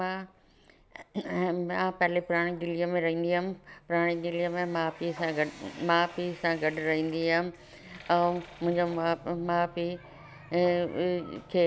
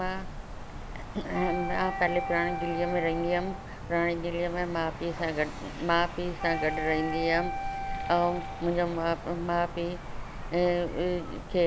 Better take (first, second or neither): first